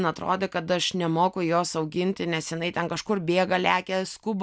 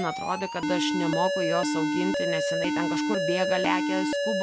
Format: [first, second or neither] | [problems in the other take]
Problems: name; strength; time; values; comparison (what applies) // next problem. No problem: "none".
first | background sound (Alarm); 3 dB above the speech